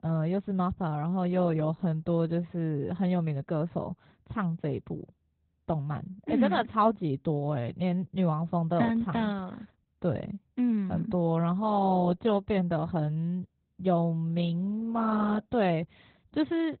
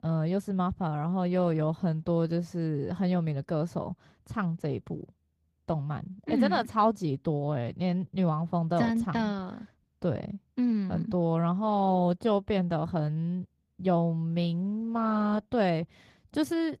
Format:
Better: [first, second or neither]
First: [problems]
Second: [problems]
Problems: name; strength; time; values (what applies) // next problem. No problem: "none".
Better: second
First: garbled, watery; badly; nothing above 4 kHz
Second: garbled, watery; slightly